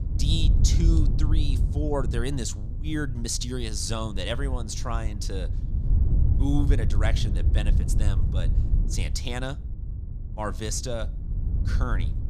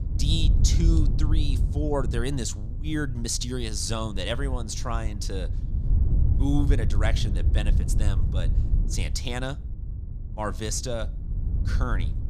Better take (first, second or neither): second